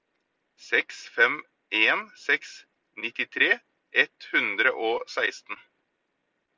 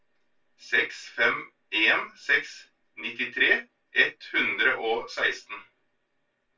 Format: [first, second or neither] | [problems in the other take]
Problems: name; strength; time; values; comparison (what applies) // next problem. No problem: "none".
first | room echo; dies away in 0.2 s